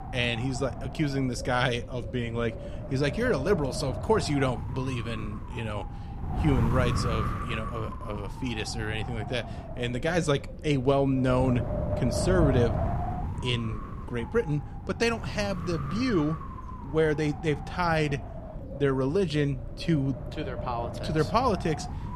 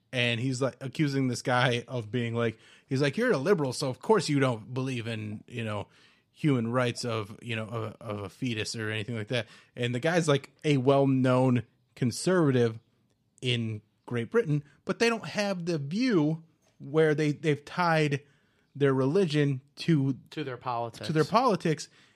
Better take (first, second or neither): second